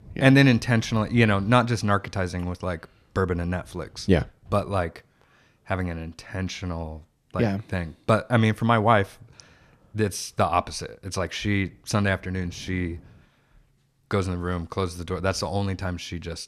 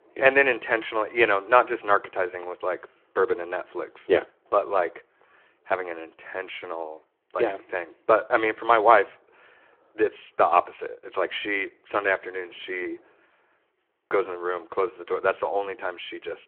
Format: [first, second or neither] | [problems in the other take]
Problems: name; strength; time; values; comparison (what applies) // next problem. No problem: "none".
first | phone-call audio